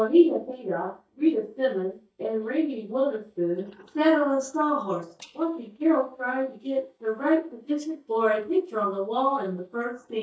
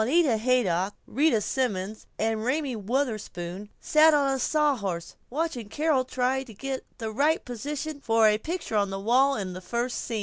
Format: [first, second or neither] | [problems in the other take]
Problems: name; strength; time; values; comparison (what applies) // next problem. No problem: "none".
second | noise reduction (neural mask model DeepFilterNet 3)